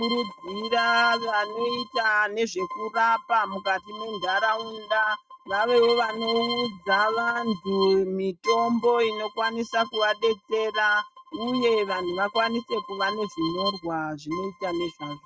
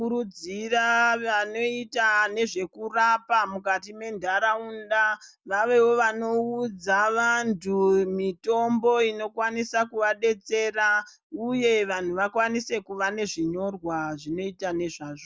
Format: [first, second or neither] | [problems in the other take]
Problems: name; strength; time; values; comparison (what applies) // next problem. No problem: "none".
second | noise reduction (neural mask model RNNoise)